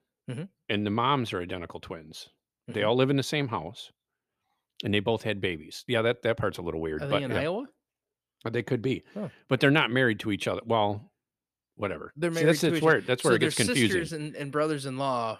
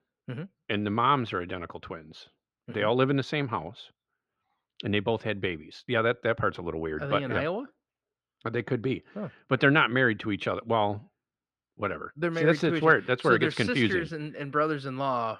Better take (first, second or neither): first